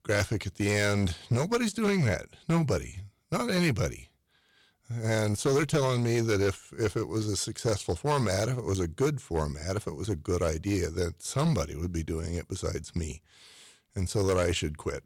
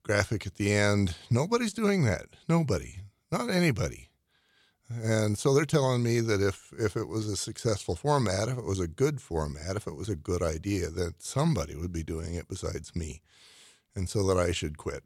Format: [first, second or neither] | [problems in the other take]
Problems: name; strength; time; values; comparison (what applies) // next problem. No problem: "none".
second | distortion; slight; 6% of the sound clipped